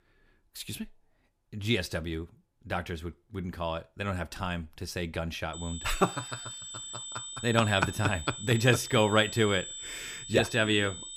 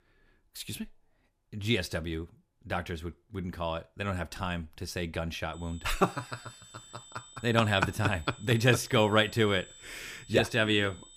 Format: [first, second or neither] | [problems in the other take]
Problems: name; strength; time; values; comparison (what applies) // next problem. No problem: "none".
second | high-pitched whine; loud; from 5.5 s on; 3.5 kHz, 10 dB below the speech; faint in the second